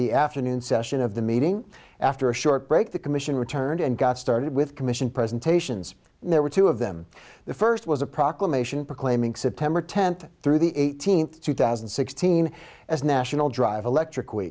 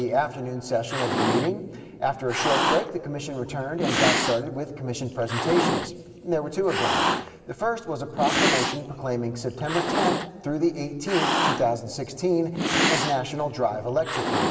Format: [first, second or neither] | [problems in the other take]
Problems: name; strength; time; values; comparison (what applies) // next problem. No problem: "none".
first | background sound (Cat); 1 dB below the speech // room echo; dies away in 2.4 s